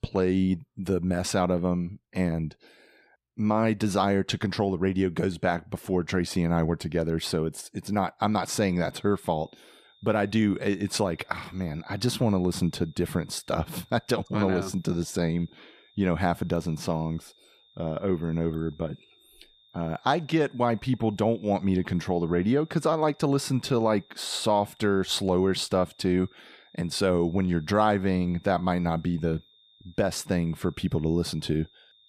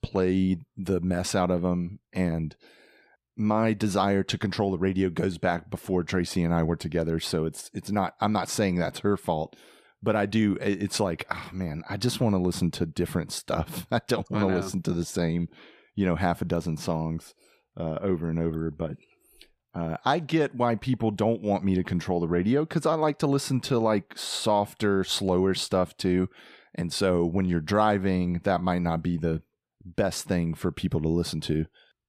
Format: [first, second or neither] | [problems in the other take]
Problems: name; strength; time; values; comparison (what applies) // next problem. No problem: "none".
second | high-pitched whine; faint; from 8.5 s on; 3.5 kHz, 30 dB below the speech